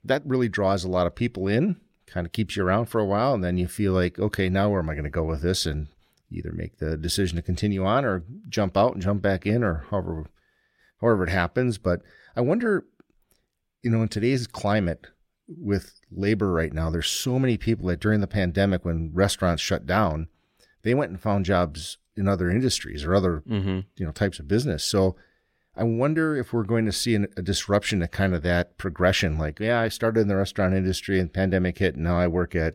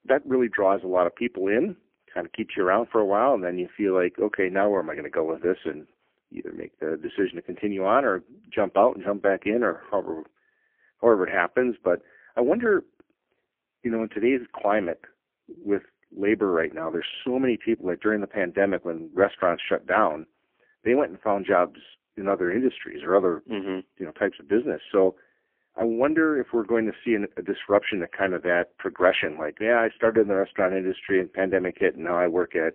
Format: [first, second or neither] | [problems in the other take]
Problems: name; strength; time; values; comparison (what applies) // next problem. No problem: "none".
first | phone-call audio; poor line; nothing above 3.5 kHz